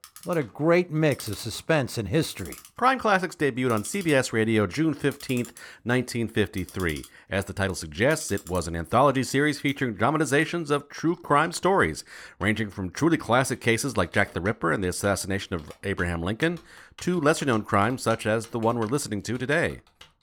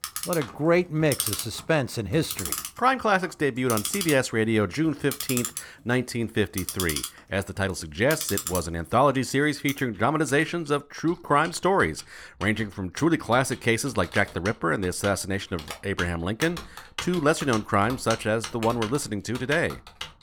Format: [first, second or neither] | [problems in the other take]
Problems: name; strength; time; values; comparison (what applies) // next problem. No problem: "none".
first | household noises; loud; throughout; 8 dB below the speech; faint in the first